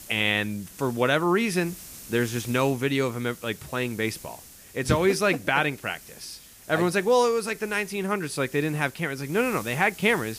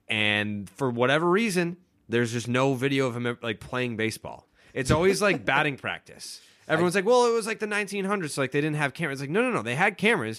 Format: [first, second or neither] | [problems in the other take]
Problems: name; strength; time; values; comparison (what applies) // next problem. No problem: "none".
second | hiss; noticeable; throughout; 20 dB below the speech